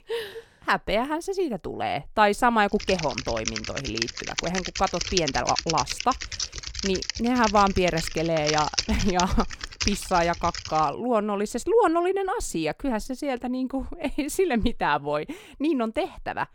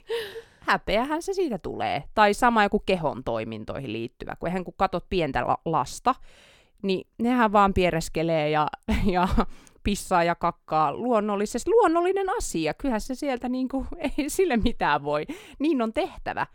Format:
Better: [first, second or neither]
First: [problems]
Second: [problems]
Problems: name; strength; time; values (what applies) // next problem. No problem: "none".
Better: second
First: keyboard typing; loud; from 3 to 11 s; peak level with the speech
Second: none